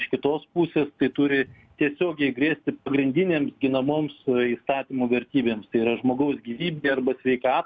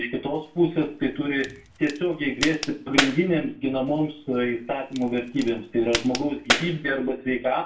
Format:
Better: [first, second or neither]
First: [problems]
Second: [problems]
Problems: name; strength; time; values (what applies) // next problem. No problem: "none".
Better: first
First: none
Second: background sound (Crack); 7 dB below the speech // room echo; dies away in 0.3 s